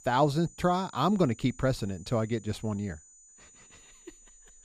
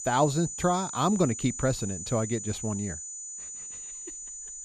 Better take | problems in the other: first | high-pitched whine; loud; throughout; 7 kHz, 8 dB below the speech; faint in the first

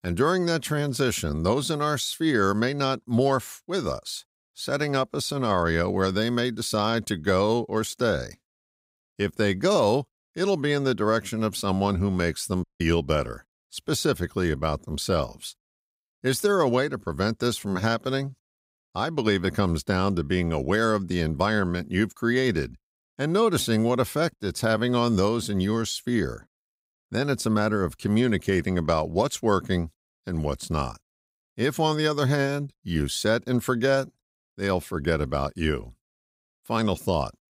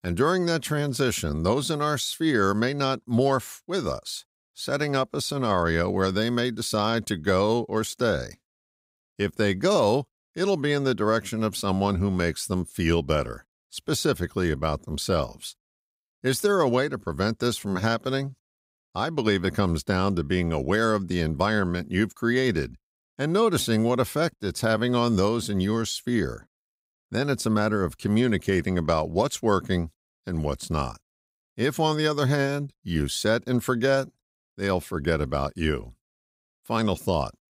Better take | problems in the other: second | audio cutting out; at 13 s

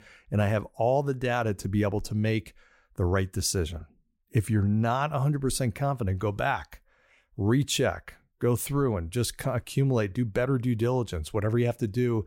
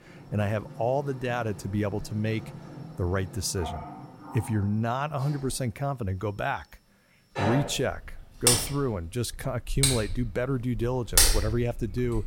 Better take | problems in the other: first | household noises; very loud; throughout; 3 dB above the speech

